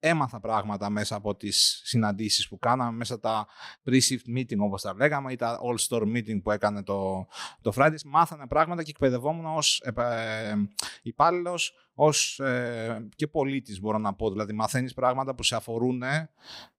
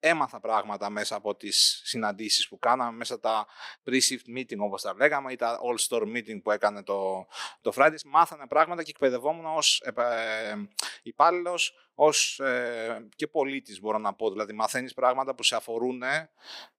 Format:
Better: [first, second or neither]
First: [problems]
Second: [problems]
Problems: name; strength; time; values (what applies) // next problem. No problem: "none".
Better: first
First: none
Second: thin; somewhat; fading below 400 Hz